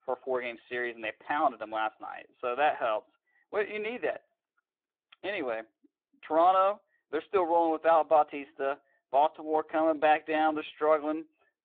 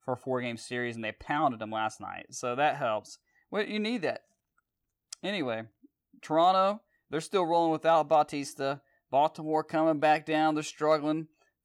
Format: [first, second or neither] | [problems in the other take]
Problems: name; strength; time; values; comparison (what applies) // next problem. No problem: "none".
second | phone-call audio; nothing above 3.5 kHz